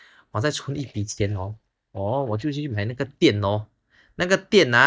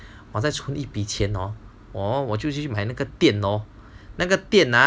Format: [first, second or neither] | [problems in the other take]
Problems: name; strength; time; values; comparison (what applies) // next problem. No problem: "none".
second | noise reduction (neural mask model DeepFilterNet 3)